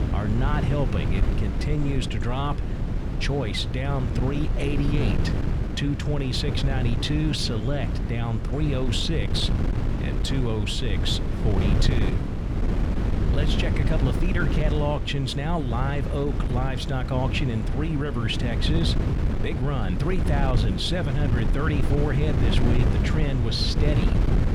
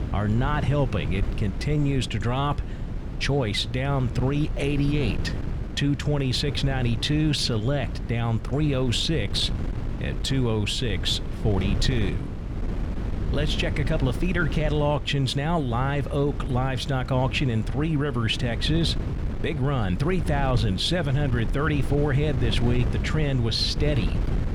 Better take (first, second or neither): second